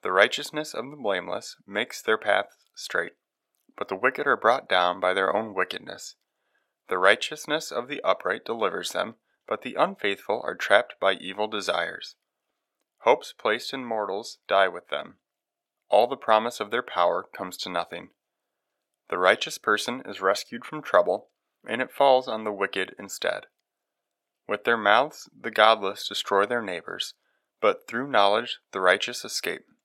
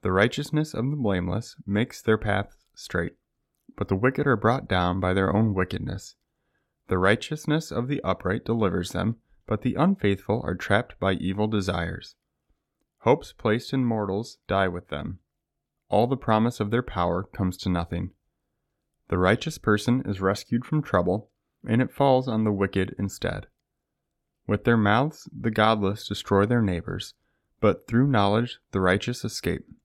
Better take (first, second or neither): second